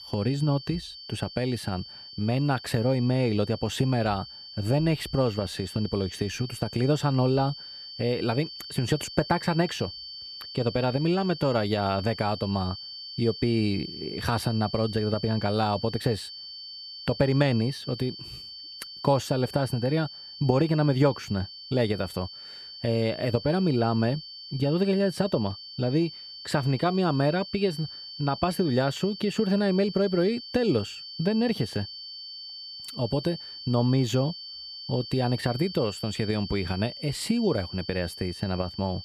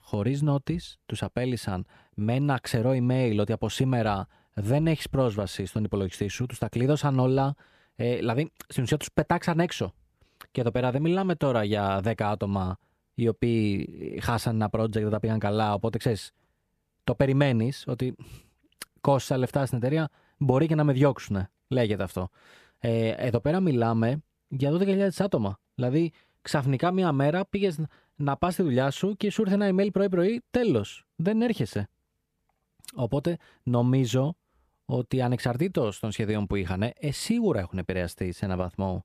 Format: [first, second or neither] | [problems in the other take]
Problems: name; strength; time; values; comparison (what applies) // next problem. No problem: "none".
second | high-pitched whine; noticeable; throughout; 4.5 kHz, 10 dB below the speech